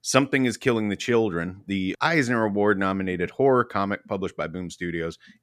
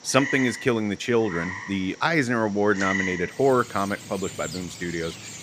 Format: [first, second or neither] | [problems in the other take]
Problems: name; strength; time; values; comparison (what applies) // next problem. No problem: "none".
first | animal sounds; loud; throughout; 8 dB below the speech